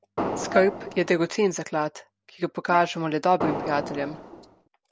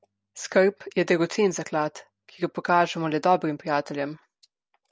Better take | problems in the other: second | background sound (Wind instrument, woodwind instrument + Fireworks); 6 dB below the speech

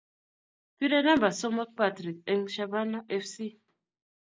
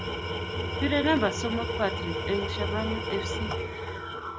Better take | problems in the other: first | background sound (Tools); as loud as the speech

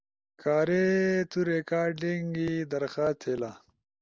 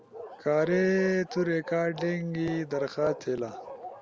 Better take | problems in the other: first | background sound (Bark); 12 dB below the speech

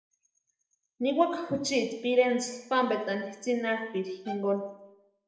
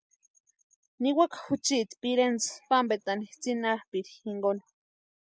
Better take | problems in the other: second | noise reduction (neural separator model SepFormer DNS4)

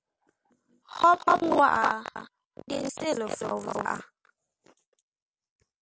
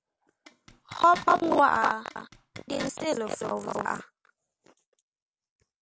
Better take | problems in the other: first | background sound (Zipper (clothing)); 18 dB below the speech

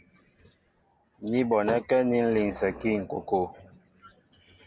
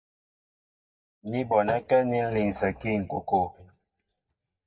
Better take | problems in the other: first | noise reduction (neural mask model DeepFilterNet 3)

